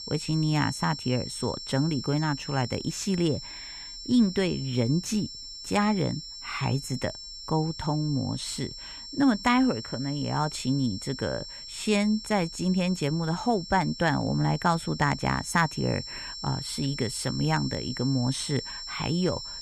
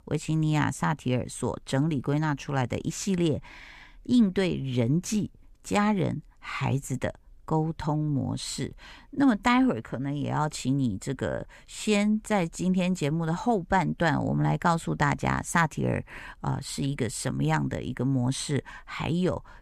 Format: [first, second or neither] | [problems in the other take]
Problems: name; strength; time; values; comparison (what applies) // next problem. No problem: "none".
second | high-pitched whine; loud; throughout; 5.5 kHz, 10 dB below the speech